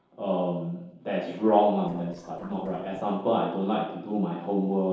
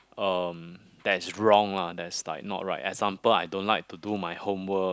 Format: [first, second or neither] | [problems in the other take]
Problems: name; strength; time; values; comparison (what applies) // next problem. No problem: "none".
second | noise reduction (neural separator model SepFormer DNS4)